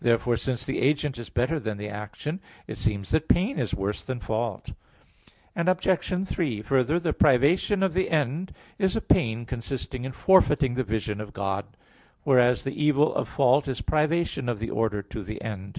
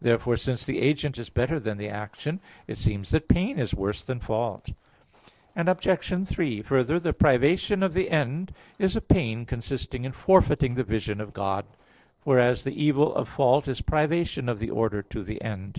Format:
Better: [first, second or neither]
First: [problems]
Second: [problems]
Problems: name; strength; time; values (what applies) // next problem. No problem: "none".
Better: first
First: none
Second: noise reduction (neural separator model SepFormer DNS4)